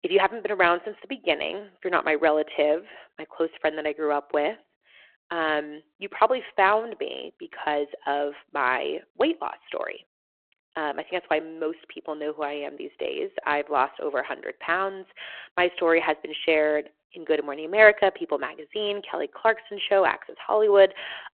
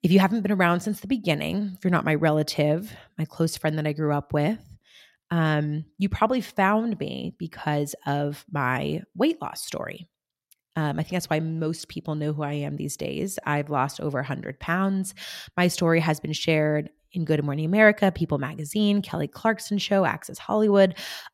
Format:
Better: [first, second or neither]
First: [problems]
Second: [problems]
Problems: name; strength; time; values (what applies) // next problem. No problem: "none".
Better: second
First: phone-call audio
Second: none